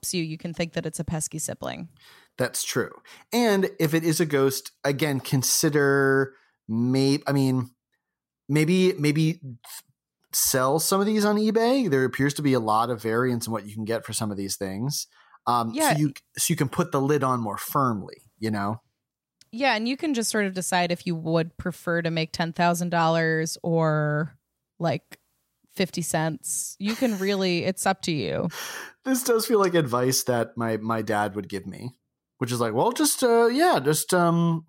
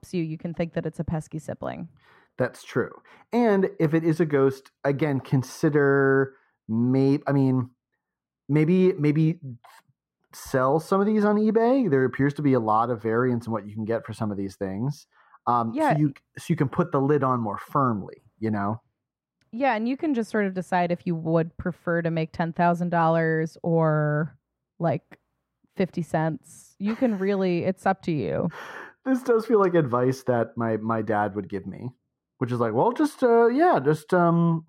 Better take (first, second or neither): first